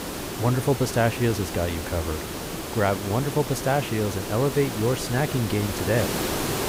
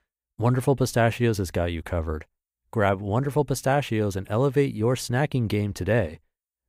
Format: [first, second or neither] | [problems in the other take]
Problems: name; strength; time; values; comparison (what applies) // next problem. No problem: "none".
second | hiss; loud; throughout; 5 dB below the speech